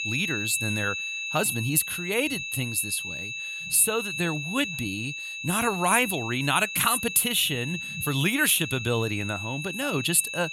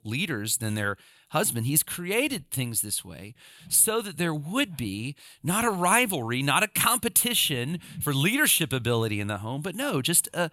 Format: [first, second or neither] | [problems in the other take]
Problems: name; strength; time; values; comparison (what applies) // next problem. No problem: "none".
second | high-pitched whine; loud; throughout; 2.5 kHz, 6 dB below the speech